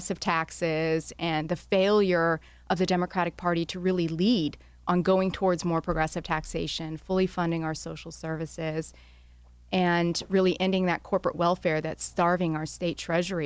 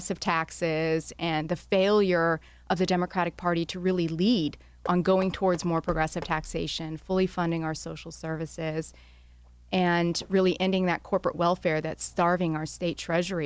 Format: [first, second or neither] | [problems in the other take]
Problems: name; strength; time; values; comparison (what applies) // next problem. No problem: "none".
first | background sound (Knock); 19 dB below the speech